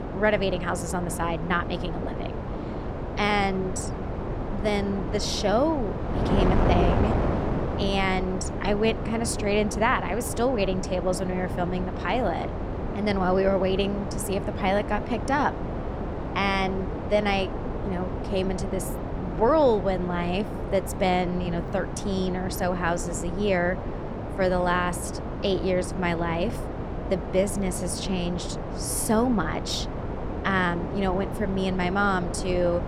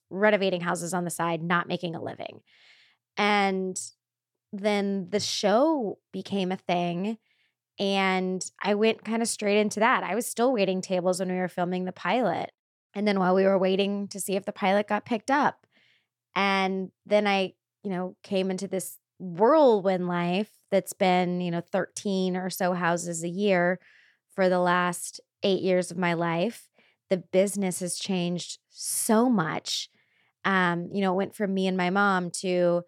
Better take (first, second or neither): second